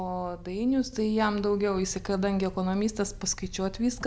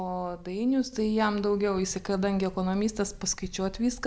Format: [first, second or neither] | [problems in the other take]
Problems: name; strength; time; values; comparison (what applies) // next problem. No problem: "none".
second | background sound (Motor vehicle (road)); 20 dB below the speech